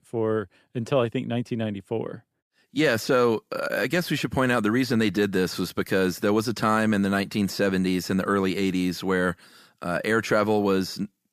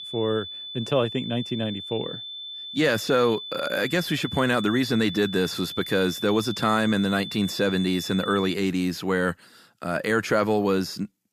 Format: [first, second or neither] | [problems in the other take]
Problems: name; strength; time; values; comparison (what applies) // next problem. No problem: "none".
first | high-pitched whine; loud; until 8.5 s; 3.5 kHz, 9 dB below the speech